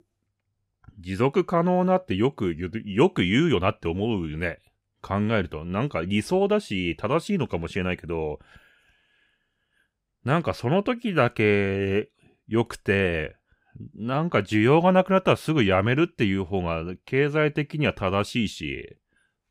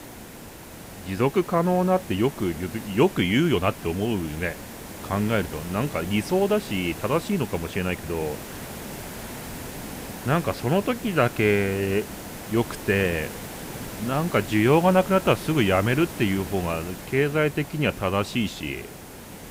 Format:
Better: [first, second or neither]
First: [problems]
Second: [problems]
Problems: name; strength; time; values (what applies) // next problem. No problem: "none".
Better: first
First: none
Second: hiss; noticeable; throughout; 15 dB below the speech